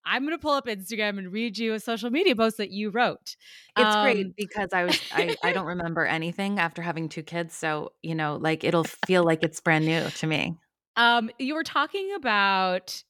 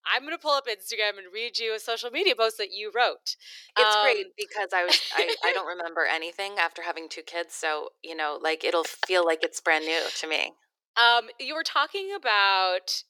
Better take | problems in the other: first | thin; very; fading below 400 Hz

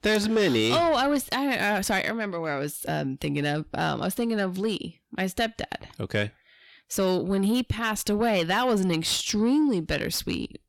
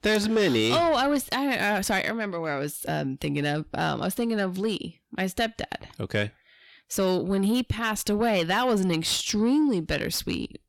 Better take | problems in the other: neither | distortion; slight; 10 dB below the speech; the same in both

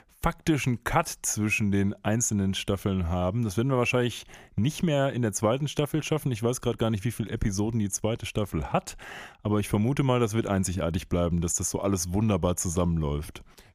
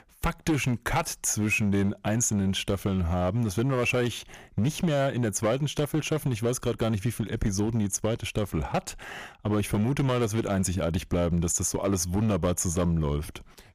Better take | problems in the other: first | distortion; slight; 7% of the sound clipped

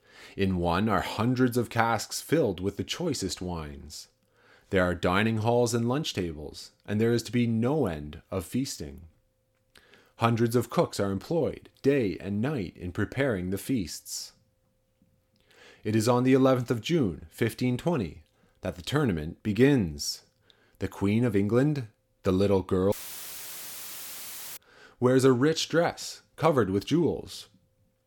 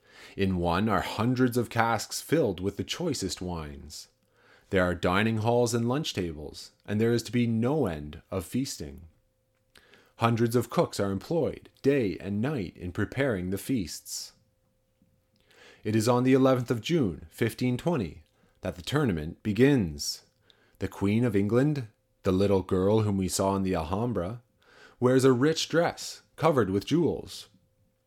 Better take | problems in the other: second | audio cutting out; filled with static; at 23 s for 1.5 s

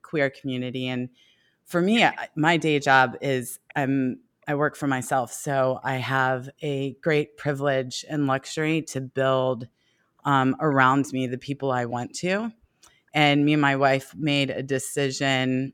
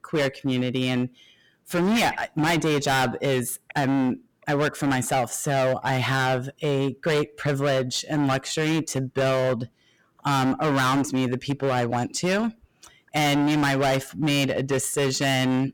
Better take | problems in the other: first | distortion; heavy; 22% of the sound clipped

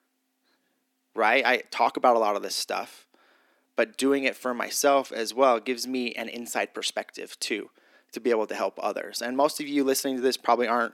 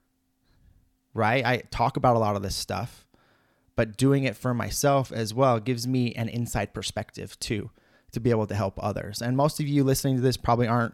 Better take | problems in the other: second | thin; somewhat; fading below 300 Hz

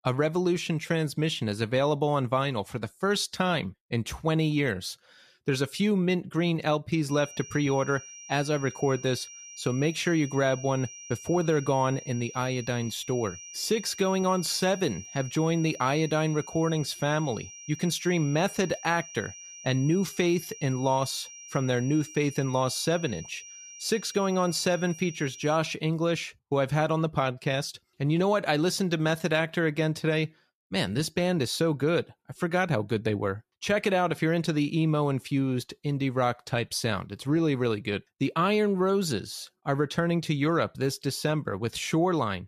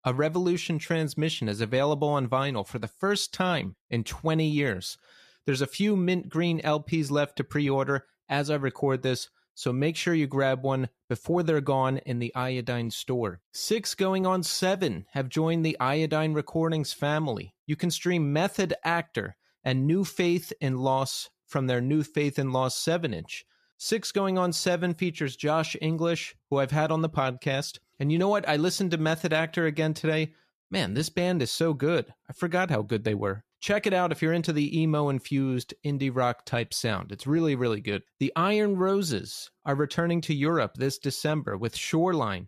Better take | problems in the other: second | high-pitched whine; noticeable; from 7 to 26 s; 5.5 kHz, 15 dB below the speech

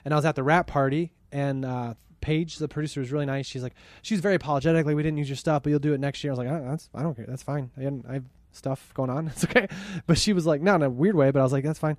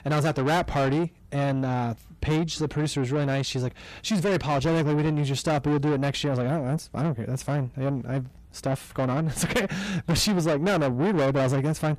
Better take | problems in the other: first | distortion; heavy; 6 dB below the speech

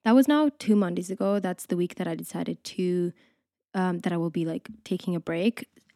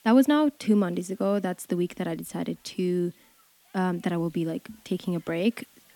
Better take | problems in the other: first | hiss; faint; throughout; 30 dB below the speech

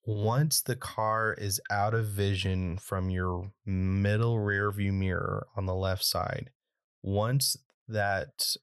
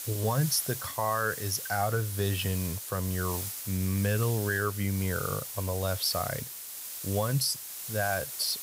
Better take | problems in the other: first | hiss; loud; throughout; 6 dB below the speech

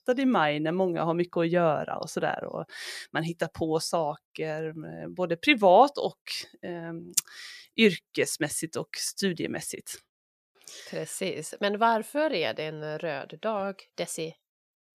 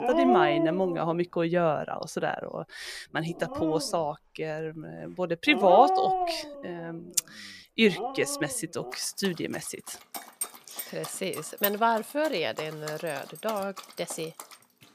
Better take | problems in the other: first | animal sounds; loud; throughout; 4 dB below the speech

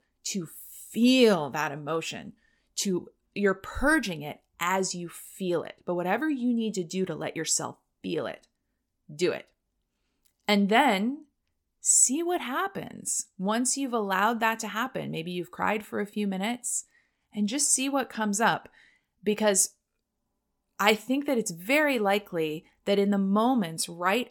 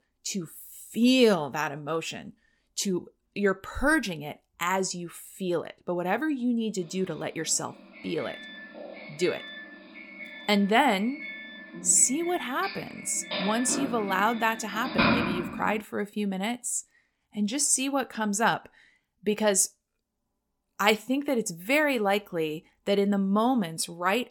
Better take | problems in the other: first | doorbell; loud; from 9.5 to 16 s; peak 4 dB above the speech

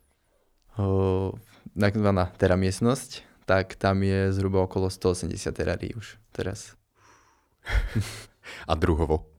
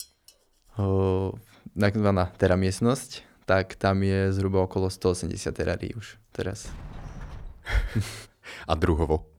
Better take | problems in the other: first | clattering dishes; faint; at the start; peak 15 dB below the speech // door banging; faint; from 6.5 to 7.5 s; peak 15 dB below the speech

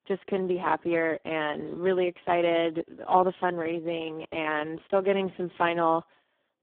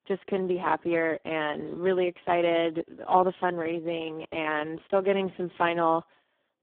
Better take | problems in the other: neither | phone-call audio; poor line; the same in both

